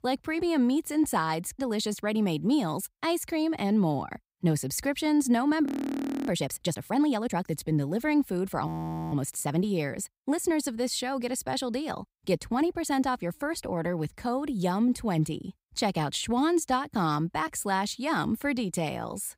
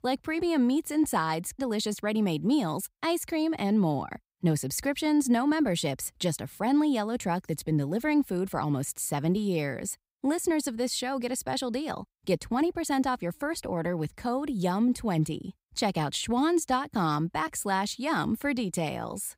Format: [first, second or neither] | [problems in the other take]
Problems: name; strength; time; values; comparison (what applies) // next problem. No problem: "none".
second | audio freezing; at 5.5 s for 0.5 s and at 8.5 s